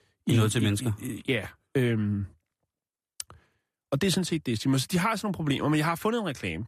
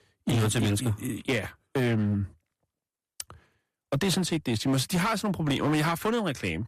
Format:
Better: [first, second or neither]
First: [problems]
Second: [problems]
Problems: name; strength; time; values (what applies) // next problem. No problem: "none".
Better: first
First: none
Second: distortion; slight; 11% of the sound clipped